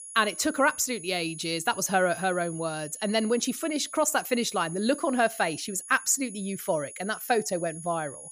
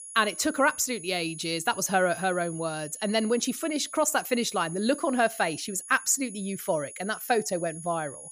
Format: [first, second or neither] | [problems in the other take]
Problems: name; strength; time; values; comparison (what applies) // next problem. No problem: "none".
neither | high-pitched whine; noticeable; throughout; 10.5 kHz, 15 dB below the speech; the same in both